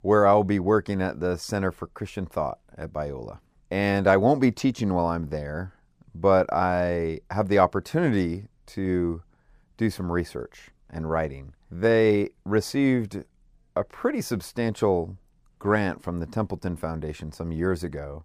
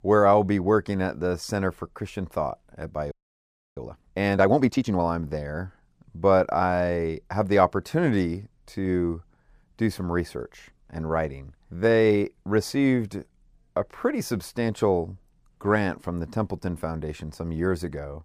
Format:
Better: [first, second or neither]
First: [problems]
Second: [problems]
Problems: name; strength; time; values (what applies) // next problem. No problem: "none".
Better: first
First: none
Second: audio freezing; at 3 s for 0.5 s